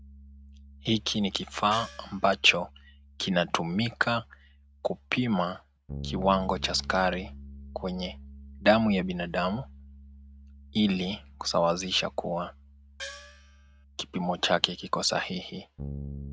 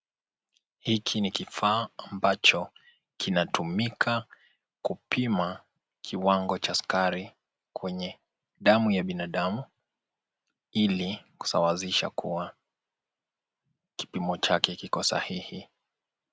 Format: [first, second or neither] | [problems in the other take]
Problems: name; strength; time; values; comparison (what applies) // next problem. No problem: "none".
second | background sound (Bass guitar + Gong); 15 dB below the speech